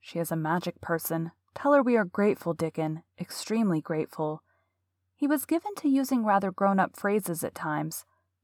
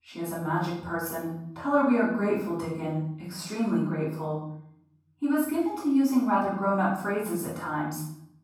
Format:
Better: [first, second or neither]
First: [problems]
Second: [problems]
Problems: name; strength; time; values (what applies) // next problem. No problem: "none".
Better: first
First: none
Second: off-mic speech; far // room echo; noticeable; dies away in 0.6 s